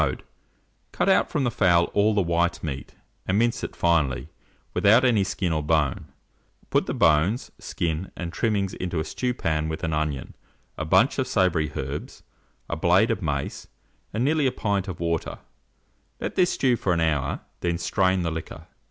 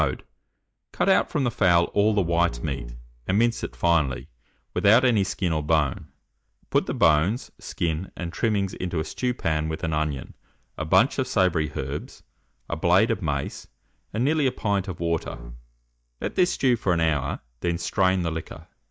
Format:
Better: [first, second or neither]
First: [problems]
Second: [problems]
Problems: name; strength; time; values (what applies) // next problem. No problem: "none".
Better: first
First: none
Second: noise reduction (neural mask model DeepFilterNet 3)